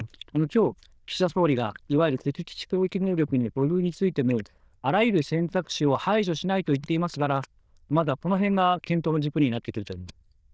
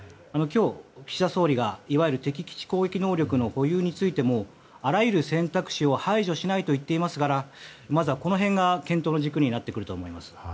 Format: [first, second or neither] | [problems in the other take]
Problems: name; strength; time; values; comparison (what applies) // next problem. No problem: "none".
second | noise reduction (neural diffusion model UNIVERSE++)